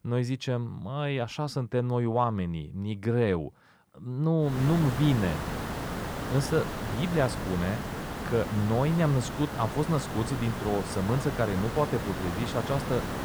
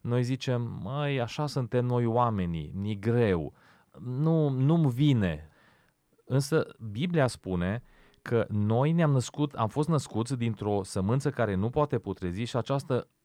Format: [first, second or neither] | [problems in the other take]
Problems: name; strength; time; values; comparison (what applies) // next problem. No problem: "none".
second | hiss; loud; from 4.5 s on; 6 dB below the speech